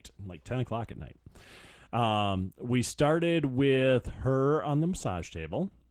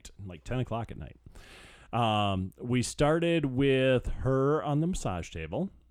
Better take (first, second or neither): second